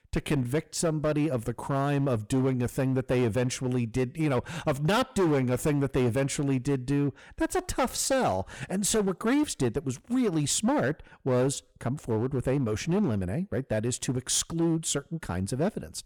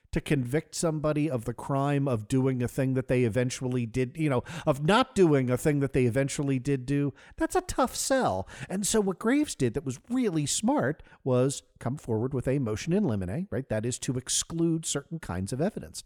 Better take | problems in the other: second | distortion; slight; 9% of the sound clipped

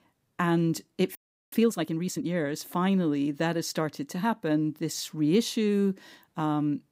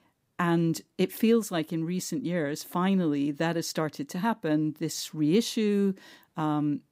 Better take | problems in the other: second | audio freezing; at 1 s

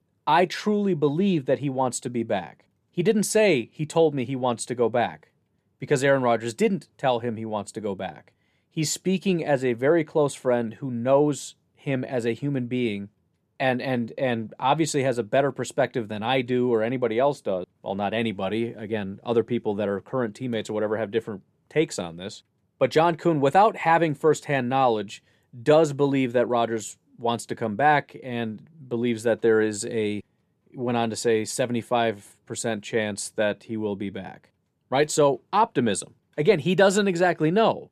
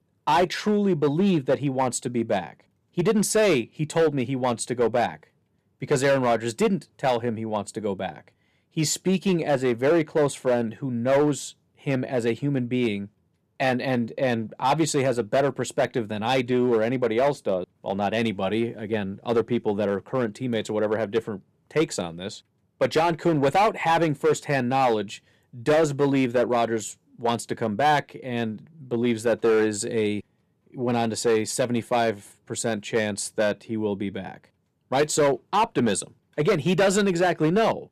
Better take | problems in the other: first | distortion; slight; 6% of the sound clipped

